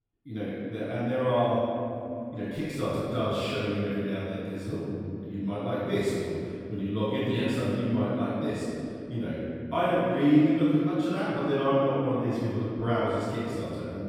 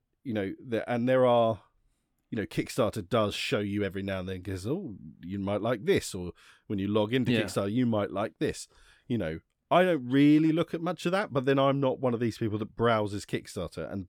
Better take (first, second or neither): second